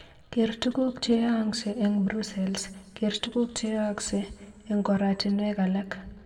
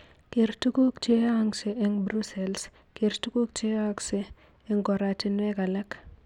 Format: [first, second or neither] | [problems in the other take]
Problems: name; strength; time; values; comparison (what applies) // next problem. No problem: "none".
second | room echo; dies away in 1.3 s